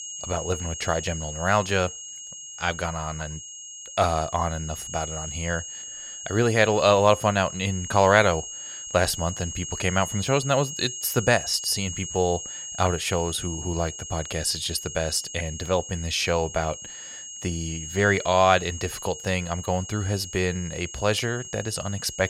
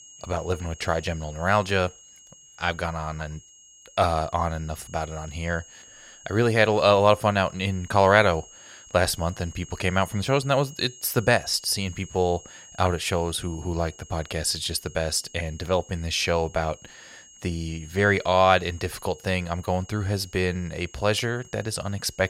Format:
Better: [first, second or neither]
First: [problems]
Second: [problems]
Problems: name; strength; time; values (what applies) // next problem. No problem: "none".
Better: second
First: high-pitched whine; loud; throughout; 6.5 kHz, 9 dB below the speech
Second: high-pitched whine; faint; throughout; 6.5 kHz, 20 dB below the speech